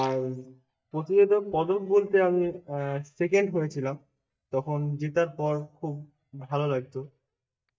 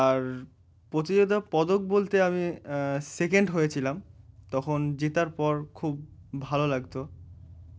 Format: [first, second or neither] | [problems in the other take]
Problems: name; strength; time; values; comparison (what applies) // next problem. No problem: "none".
second | noise reduction (neural mask model DeepFilterNet 3)